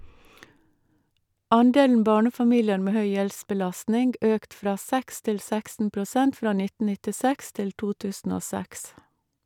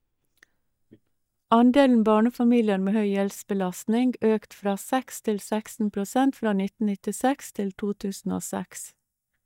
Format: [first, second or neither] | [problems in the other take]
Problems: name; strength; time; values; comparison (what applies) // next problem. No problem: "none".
first | noise reduction (neural mask model DeepFilterNet 3)